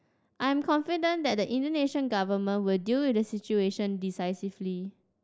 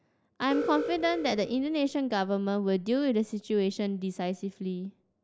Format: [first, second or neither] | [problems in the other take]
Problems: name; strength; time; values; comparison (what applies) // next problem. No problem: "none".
first | background sound (Alarm); 9 dB below the speech